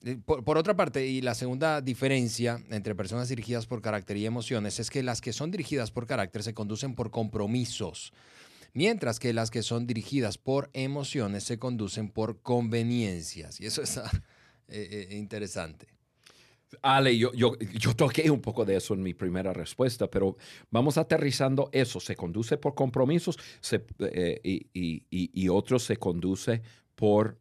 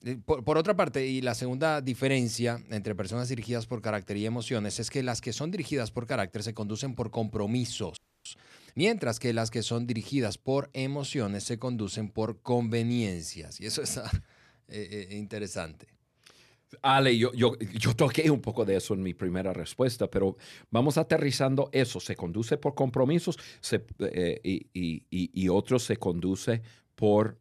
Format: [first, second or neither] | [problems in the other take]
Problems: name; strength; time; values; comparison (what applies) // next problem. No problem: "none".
first | audio freezing; at 8 s